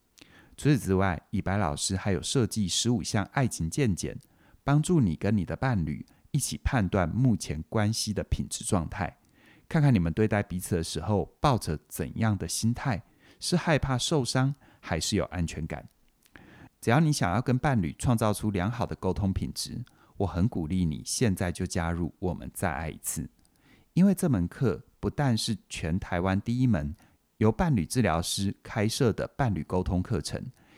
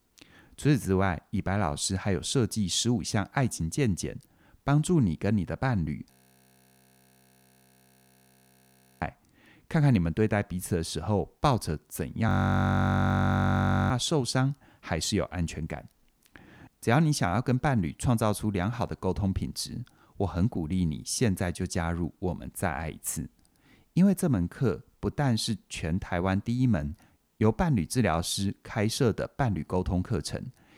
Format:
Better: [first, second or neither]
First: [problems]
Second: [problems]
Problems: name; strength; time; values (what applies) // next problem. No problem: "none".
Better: first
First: none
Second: audio freezing; at 6 s for 3 s and at 12 s for 1.5 s